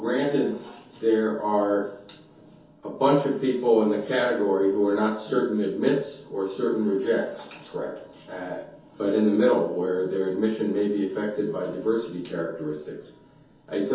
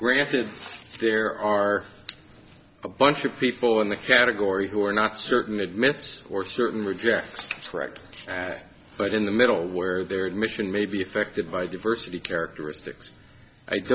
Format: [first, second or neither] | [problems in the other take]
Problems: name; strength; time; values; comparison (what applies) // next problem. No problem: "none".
second | room echo; dies away in 0.6 s